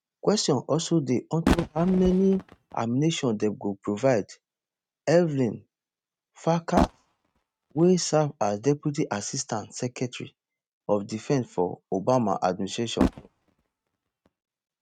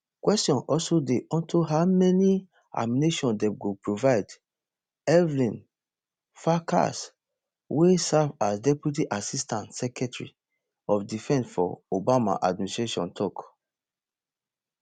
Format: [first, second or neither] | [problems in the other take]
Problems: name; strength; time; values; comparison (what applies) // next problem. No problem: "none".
second | noise reduction (neural mask model RNNoise)